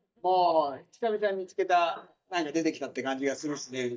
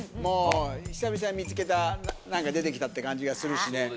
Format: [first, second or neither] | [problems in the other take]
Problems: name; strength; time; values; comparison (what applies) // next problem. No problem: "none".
second | noise reduction (neural mask model DeepFilterNet 3)